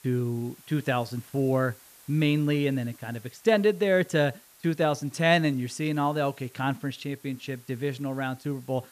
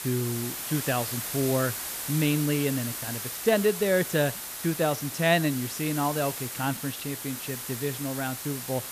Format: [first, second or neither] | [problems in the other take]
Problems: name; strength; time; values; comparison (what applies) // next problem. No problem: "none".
first | hiss; loud; throughout; 5 dB below the speech; faint in the first